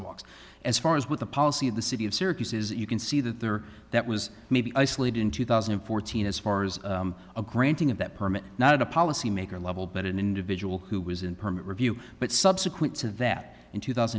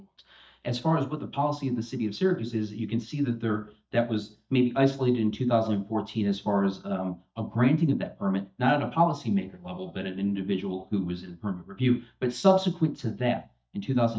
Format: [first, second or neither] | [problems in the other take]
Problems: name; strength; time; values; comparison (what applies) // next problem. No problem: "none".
first | noise reduction (neural mask model DeepFilterNet 3)